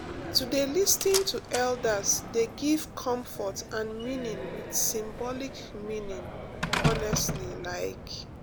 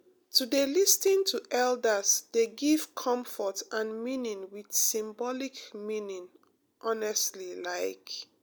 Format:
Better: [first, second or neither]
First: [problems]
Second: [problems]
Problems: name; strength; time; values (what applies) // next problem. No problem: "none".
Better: second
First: background sound (Slam); 5 dB below the speech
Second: none